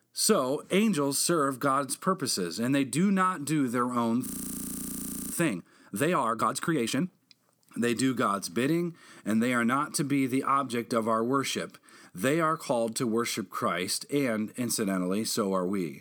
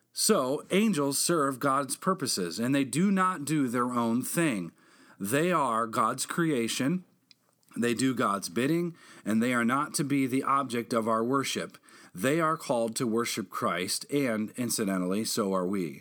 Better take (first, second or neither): second